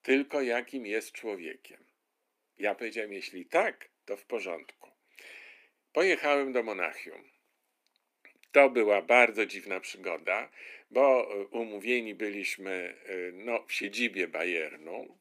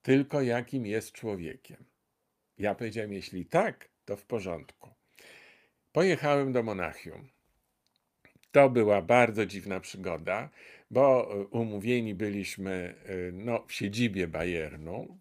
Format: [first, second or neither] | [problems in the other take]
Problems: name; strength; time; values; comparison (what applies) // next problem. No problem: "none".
second | thin; very slightly; fading below 250 Hz